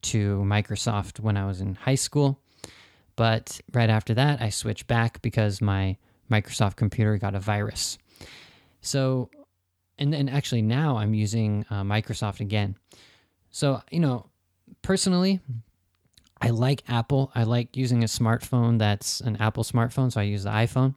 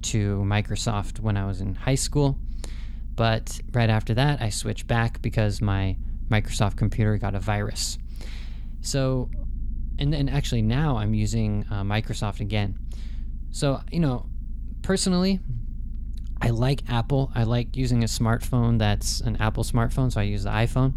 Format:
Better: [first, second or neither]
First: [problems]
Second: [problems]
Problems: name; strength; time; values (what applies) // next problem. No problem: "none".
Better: first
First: none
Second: low rumble; faint; throughout; 25 dB below the speech